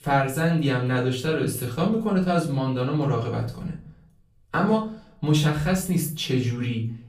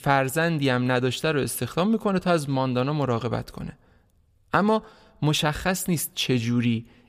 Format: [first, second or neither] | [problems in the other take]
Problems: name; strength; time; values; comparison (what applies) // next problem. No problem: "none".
second | off-mic speech; far // room echo; slight; dies away in 0.4 s